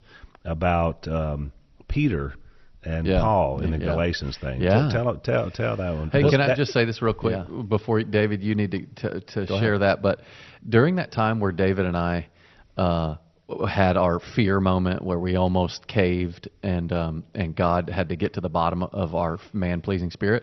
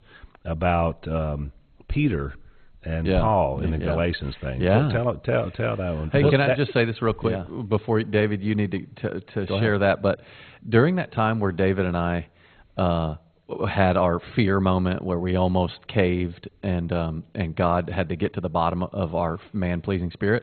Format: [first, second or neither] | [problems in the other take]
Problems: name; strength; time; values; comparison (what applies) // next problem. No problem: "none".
first | garbled, watery; badly; nothing above 4 kHz; slightly in the first